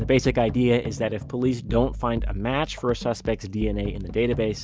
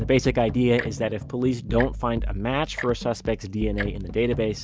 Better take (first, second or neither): first